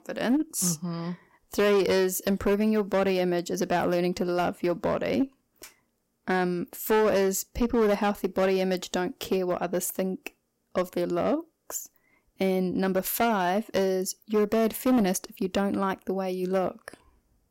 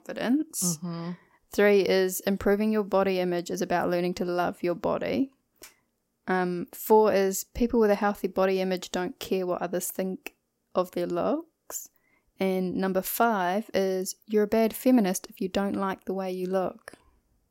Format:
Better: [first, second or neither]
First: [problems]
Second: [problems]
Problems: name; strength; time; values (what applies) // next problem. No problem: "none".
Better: second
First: distortion; slight; 6% of the sound clipped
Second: none